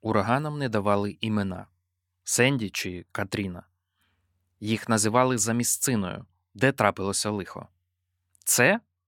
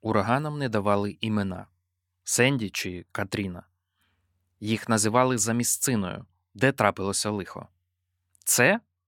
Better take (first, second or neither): neither